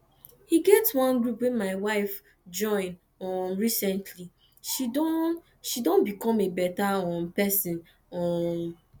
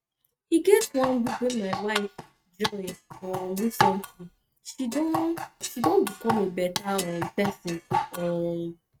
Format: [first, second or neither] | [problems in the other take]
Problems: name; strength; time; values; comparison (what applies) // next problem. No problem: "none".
first | noise reduction (neural mask model RNNoise)